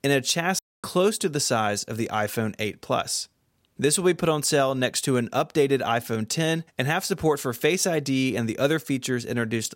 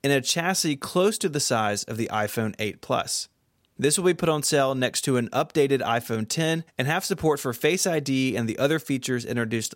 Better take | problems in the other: second | audio cutting out; at 0.5 s

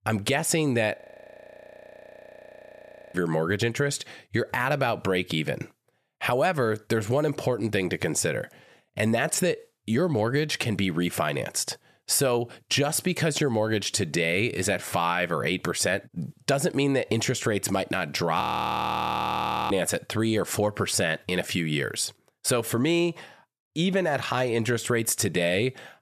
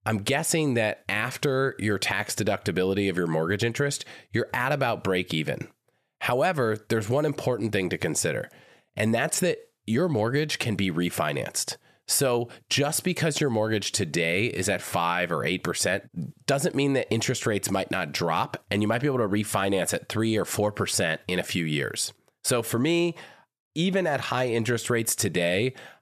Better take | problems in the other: second | audio freezing; at 1 s for 2 s and at 18 s for 1.5 s

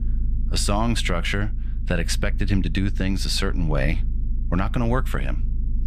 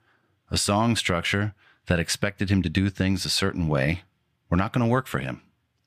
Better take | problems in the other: second | low rumble; noticeable; throughout; 20 dB below the speech

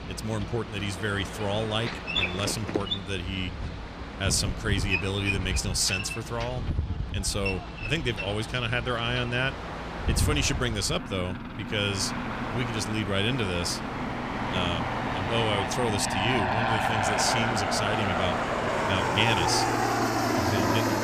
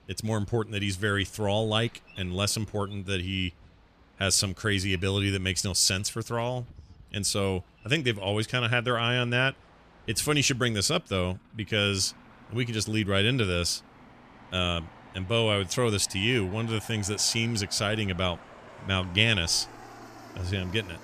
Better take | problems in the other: second | train or aircraft noise; loud; throughout; 1 dB below the speech; faint in the second

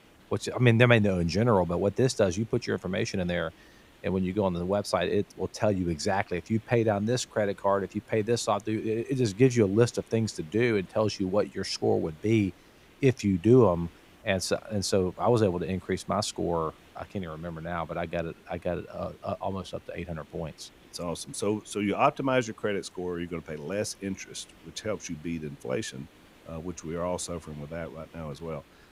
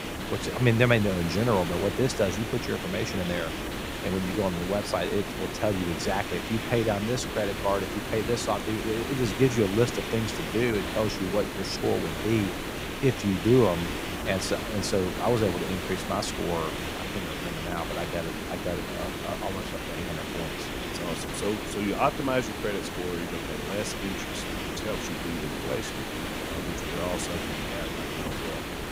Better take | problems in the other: first | hiss; loud; throughout; 4 dB below the speech; faint in the first

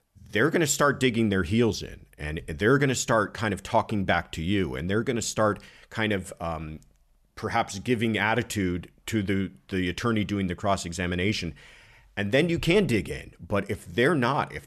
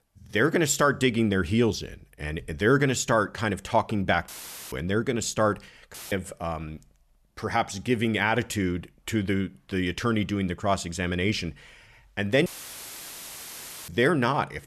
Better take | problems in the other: first | audio cutting out; filled with static; at 4.5 s, at 6 s and at 12 s for 1.5 s

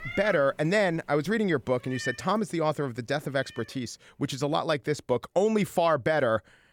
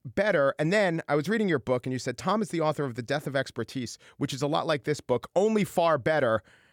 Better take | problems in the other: second | animal sounds; noticeable; throughout; 10 dB below the speech

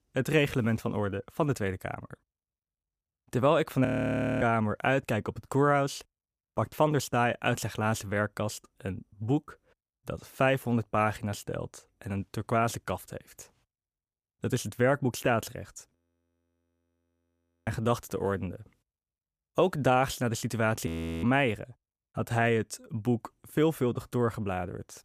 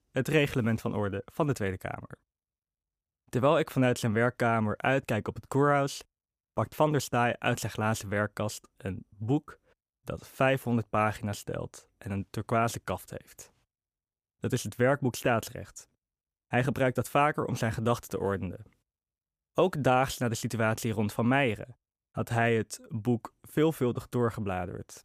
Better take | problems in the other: second | audio freezing; at 4 s for 0.5 s, at 16 s for 1.5 s and at 21 s

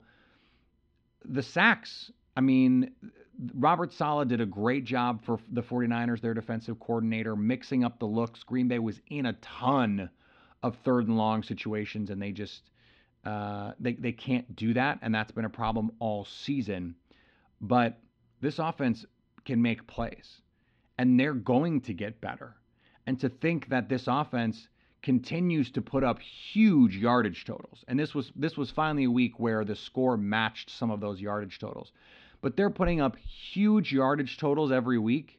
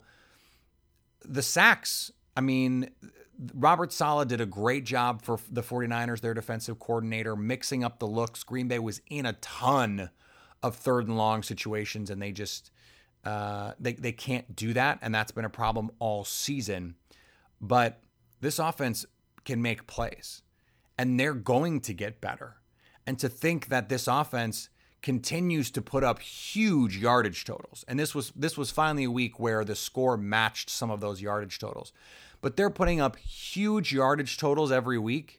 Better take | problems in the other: second | muffled; slightly; fading above 3.5 kHz

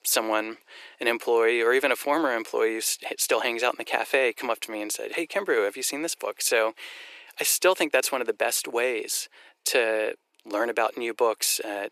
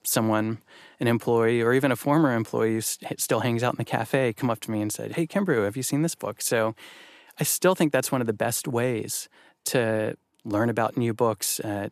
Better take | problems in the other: second | thin; very; fading below 400 Hz

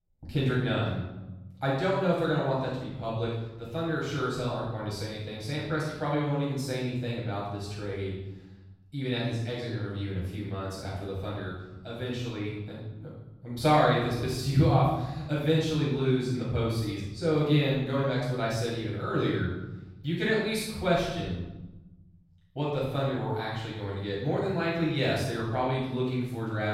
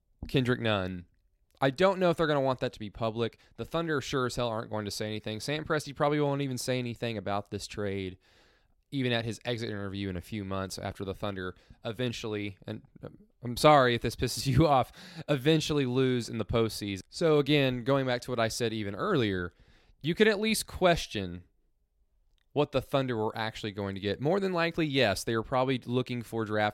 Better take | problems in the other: second | off-mic speech; far // room echo; strong; dies away in 1.2 s

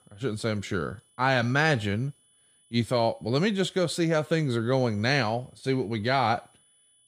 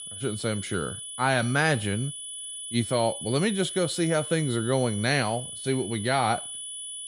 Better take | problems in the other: first | high-pitched whine; loud; throughout; 10 kHz, 8 dB below the speech; faint in the first

